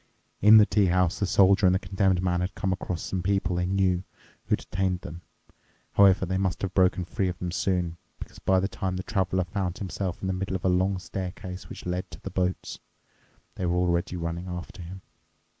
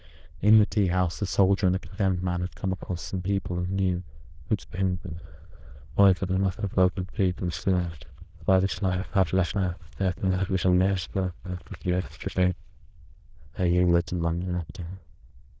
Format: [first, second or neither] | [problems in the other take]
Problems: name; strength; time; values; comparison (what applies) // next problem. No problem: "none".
first | noise reduction (neural diffusion model UNIVERSE++)